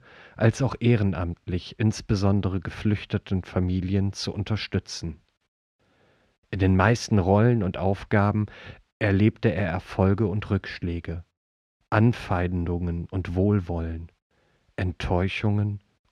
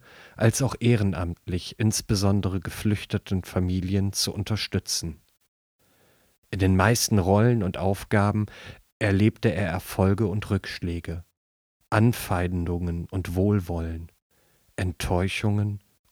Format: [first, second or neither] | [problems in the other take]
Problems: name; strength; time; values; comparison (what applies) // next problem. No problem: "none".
second | muffled; slightly; fading above 3.5 kHz